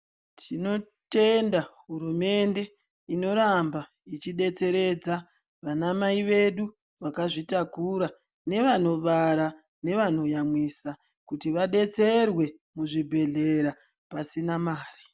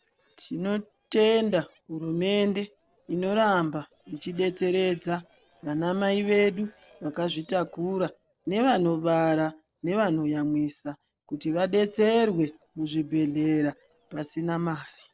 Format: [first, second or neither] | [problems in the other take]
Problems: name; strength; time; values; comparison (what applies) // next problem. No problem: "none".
first | noise reduction (neural separator model SepFormer DNS4)